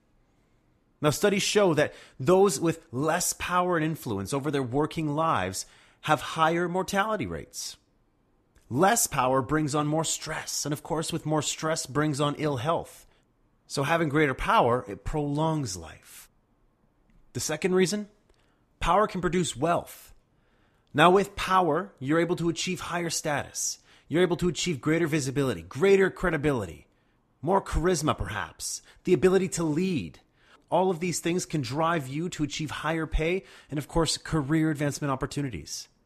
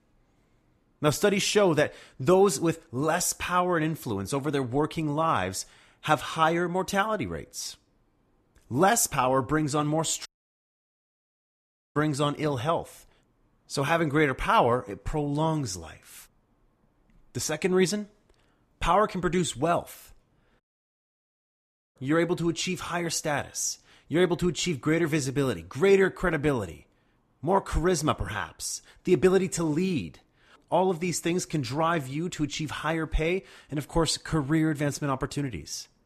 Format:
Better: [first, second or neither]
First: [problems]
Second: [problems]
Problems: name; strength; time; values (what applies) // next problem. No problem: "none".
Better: first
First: none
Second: audio cutting out; at 10 s for 1.5 s and at 21 s for 1.5 s